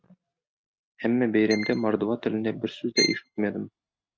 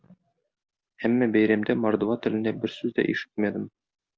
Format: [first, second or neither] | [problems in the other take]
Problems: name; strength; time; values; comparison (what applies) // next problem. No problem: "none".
second | noise reduction (neural mask model RNNoise)